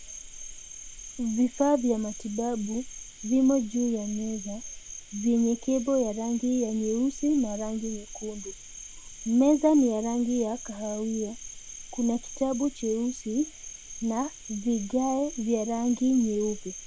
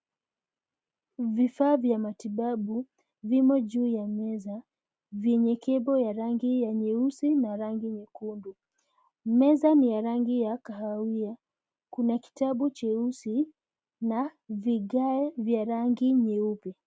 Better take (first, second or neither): second